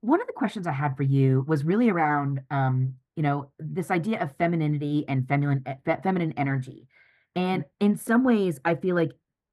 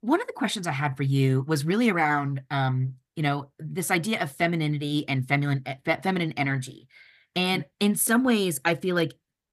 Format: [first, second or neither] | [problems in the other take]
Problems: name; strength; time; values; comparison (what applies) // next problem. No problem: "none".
second | muffled; slightly; fading above 2.5 kHz